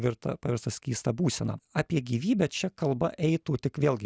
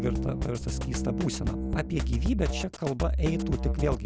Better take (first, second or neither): first